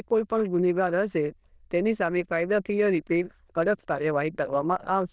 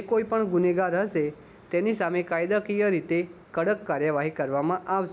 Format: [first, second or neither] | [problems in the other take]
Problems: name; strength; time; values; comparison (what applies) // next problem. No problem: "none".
second | noise reduction (neural diffusion model UNIVERSE++)